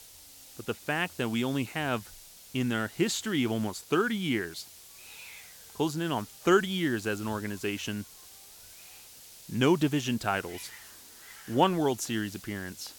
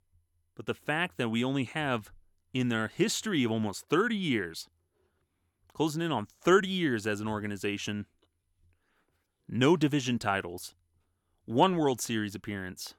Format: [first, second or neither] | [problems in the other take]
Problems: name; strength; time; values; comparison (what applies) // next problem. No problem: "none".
second | hiss; noticeable; throughout; 20 dB below the speech